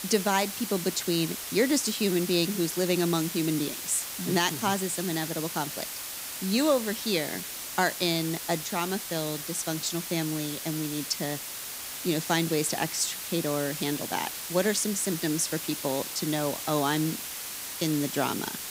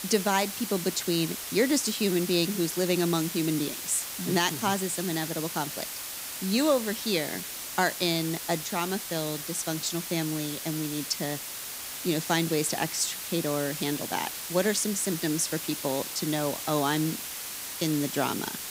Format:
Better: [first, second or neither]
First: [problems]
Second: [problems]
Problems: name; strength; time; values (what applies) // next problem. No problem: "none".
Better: neither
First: hiss; loud; throughout; 5 dB below the speech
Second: hiss; loud; throughout; 5 dB below the speech